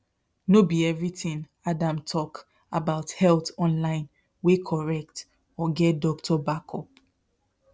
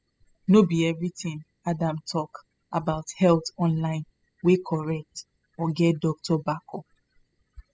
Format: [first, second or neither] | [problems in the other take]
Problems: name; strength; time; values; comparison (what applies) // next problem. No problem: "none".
first | noise reduction (classical method spectral subtraction)